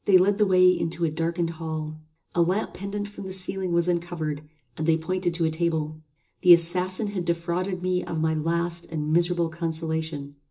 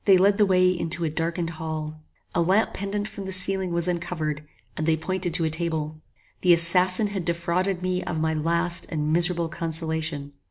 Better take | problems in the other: second | room echo; dies away in 0.2 s

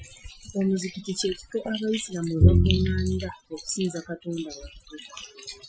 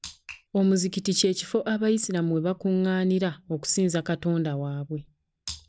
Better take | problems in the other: second | noise reduction (classical method Wiener filter)

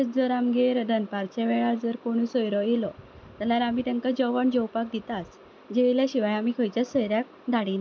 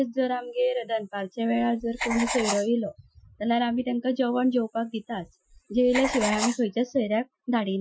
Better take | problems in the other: first | noise reduction (classical method Wiener filter)

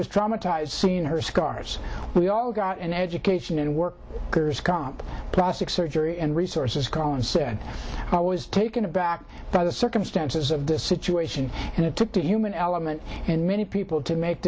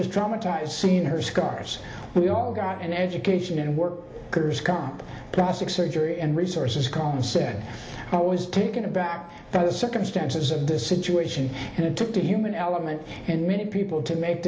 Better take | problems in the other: first | background sound (Bowed string instrument); 19 dB below the speech // room echo; dies away in 0.8 s

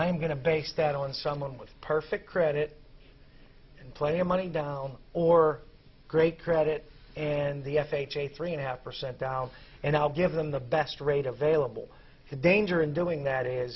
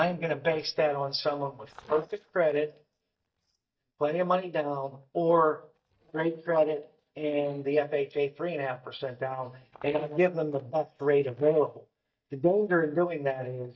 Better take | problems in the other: first | noise reduction (neural mask model DeepFilterNet 3)

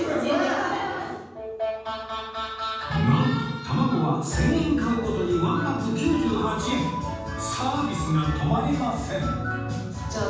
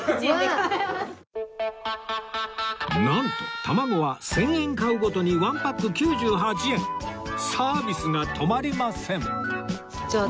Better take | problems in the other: second | room echo; dies away in 1.2 s

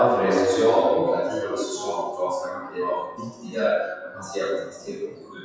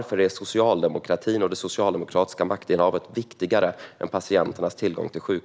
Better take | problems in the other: second | noise reduction (classical method WPE with log-MMSE)

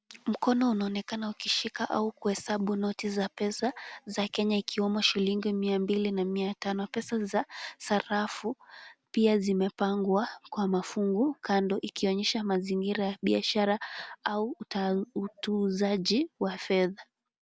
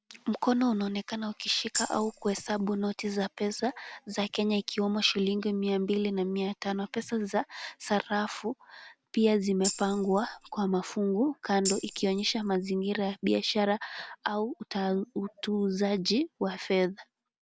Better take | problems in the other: first | background sound (Tambourine); 9 dB below the speech

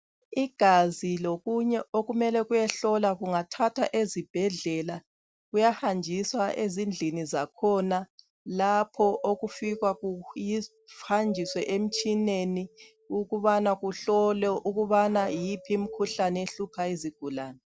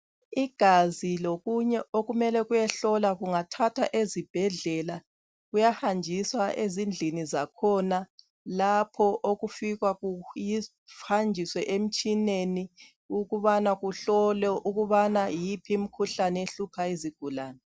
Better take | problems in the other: second | background sound (Doorbell); 18 dB below the speech

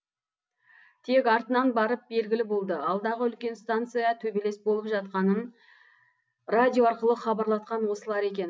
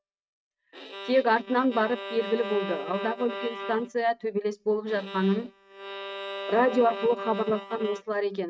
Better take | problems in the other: first | noise reduction (neural mask model RNNoise)

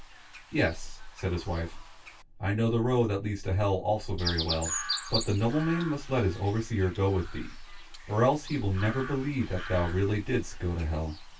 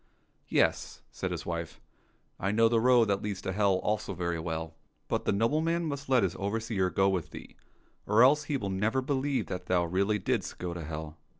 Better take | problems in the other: second | background sound (Chirp, tweet); 12 dB below the speech // room echo; dies away in 0.1 s

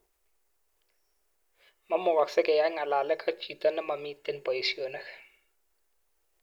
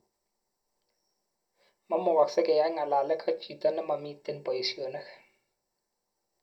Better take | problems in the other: first | room echo; dies away in 0.2 s

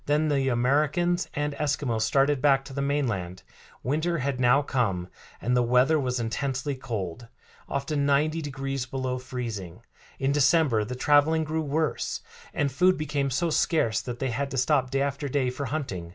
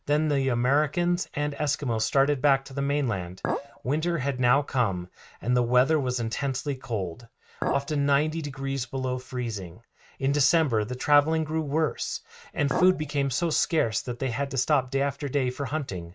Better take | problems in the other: first | noise reduction (neural mask model RNNoise)

